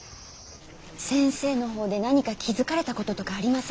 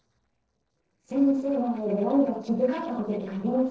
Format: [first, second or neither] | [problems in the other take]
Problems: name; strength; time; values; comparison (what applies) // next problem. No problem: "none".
first | noise reduction (neural separator model SepFormer DNS4)